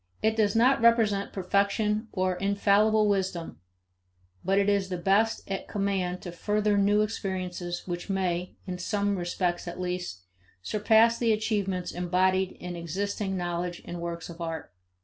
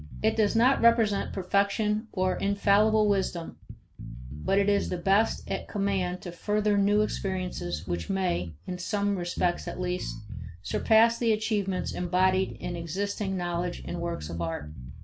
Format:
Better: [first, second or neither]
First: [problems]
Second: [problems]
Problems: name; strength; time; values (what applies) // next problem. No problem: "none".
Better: first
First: none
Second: background sound (Bass guitar); 10 dB below the speech